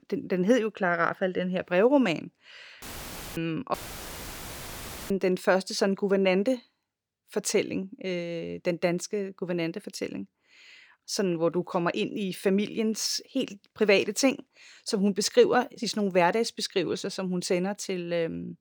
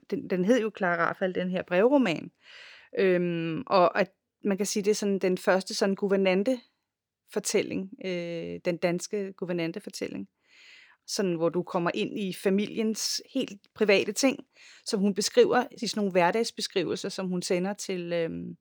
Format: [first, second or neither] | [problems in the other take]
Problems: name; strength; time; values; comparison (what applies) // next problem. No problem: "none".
second | audio cutting out; filled with static; at 3 s for 0.5 s and at 3.5 s for 1.5 s